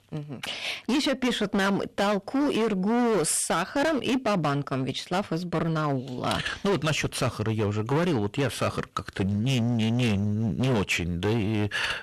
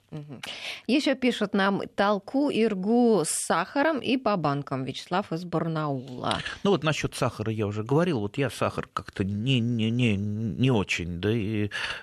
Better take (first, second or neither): second